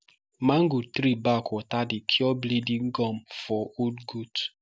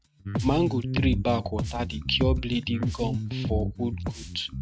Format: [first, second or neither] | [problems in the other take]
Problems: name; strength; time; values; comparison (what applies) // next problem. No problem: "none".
first | noise reduction (neural mask model RNNoise)